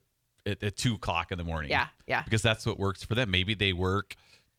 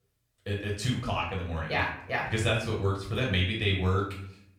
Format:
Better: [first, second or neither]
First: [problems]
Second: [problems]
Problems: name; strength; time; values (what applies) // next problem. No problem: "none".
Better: first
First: none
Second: off-mic speech; far // room echo; noticeable; dies away in 0.5 s